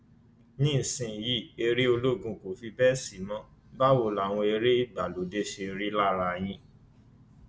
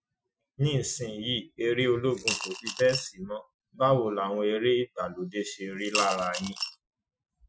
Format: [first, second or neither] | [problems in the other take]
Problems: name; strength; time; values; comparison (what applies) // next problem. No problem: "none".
first | noise reduction (classical method Wiener filter)